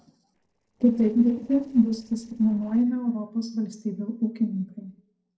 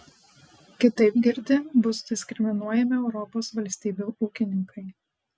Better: second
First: noise reduction (neural separator model SepFormer DNS4)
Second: none

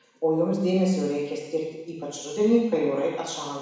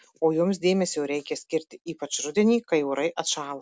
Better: second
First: room echo; dies away in 1.1 s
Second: none

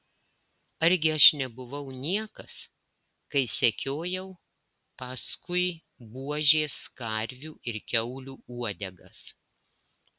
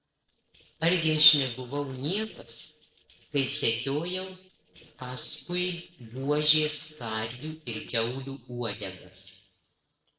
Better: first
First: none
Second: noise reduction (neural separator model SepFormer DNS4)

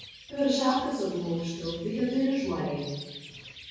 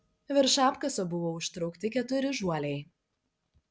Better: second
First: background sound (Bird); 17 dB below the speech // room echo; dies away in 1.3 s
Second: none

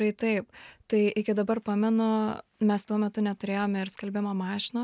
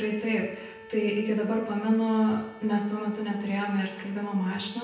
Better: first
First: none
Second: background sound (Wind instrument, woodwind instrument); 19 dB below the speech // room echo; dies away in 0.9 s

